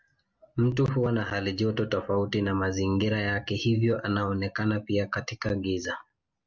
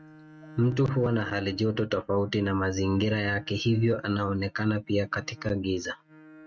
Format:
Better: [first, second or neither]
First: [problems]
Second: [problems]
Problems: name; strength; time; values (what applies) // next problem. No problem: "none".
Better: first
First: none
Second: noise reduction (neural mask model RNNoise)